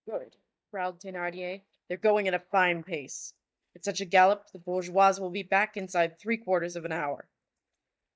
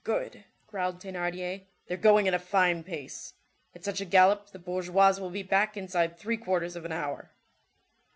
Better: second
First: noise reduction (neural mask model DeepFilterNet 3)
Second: none

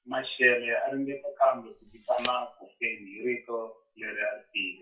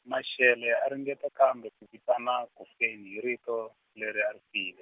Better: second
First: noise reduction (classical method WPE with log-MMSE)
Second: none

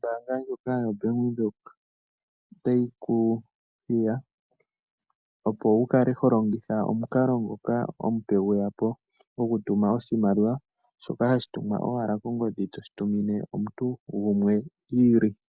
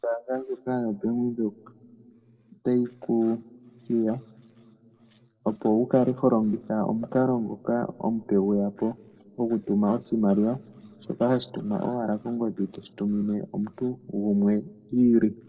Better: first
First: none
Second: noise reduction (neural separator model SepFormer DNS4)

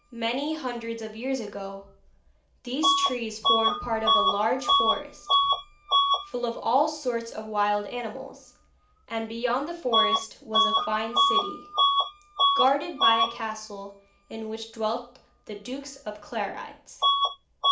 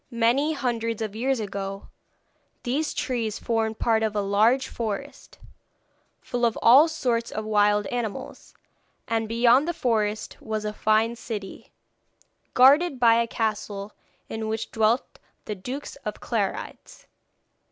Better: second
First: background sound (Bus / Alarm); 3 dB above the speech // room echo; dies away in 0.4 s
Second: none

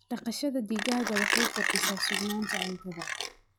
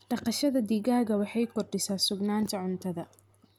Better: second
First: noise reduction (classical method log-MMSE)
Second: none

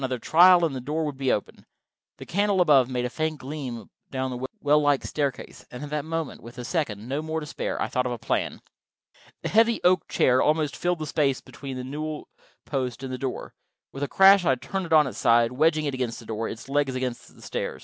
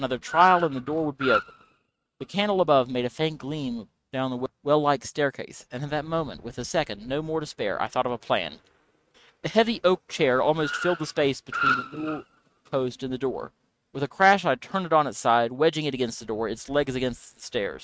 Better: first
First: none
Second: noise reduction (neural mask model RNNoise)

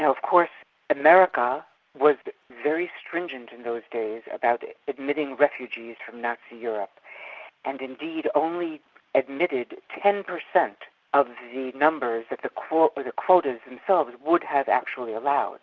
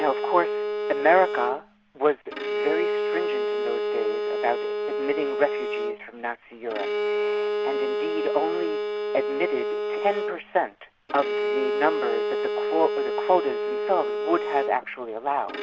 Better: first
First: none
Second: background sound (Bowed string instrument); as loud as the speech

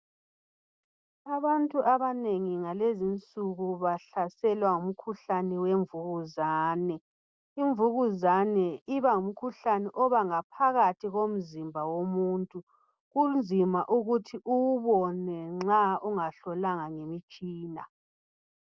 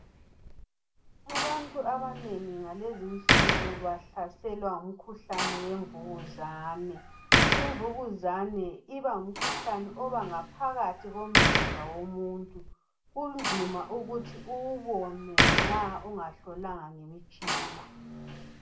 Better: first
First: none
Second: background sound (Slam); 4 dB above the speech // room echo; dies away in 0.3 s

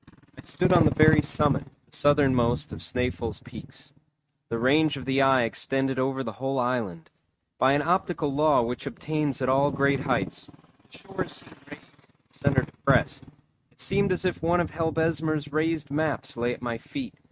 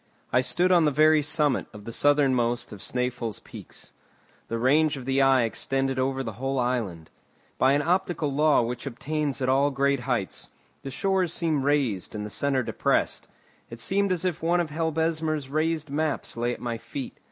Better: second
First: noise reduction (neural mask model RNNoise)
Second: none

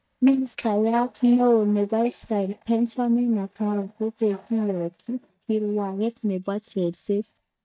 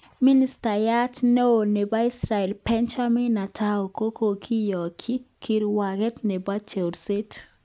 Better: second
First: noise reduction (neural mask model DeepFilterNet 3)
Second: none

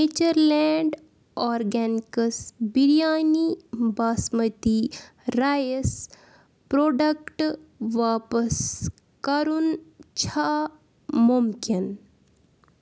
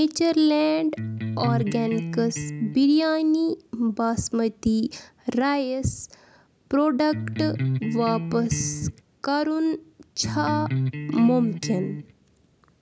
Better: first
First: none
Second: background sound (Electric guitar); 5 dB below the speech

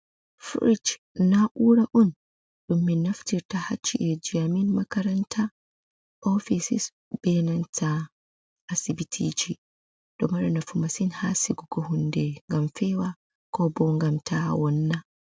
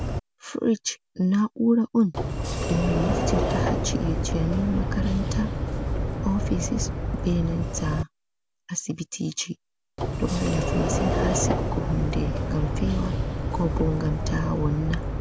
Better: first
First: none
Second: background sound (Sliding door); as loud as the speech

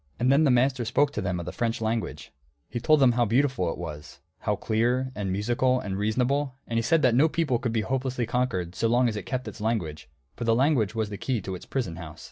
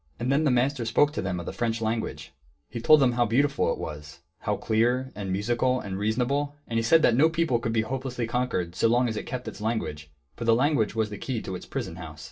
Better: first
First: none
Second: room echo; dies away in 0.2 s

